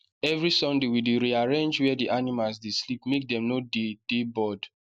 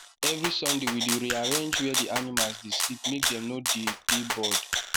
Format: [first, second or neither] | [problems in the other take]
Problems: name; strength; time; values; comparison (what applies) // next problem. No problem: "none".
first | background sound (Rattle (instrument)); 2 dB above the speech